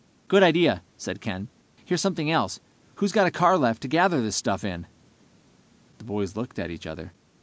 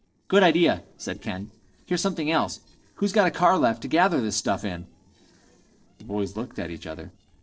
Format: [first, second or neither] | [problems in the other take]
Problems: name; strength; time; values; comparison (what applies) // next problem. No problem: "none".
first | noise reduction (neural separator model SepFormer DNS4)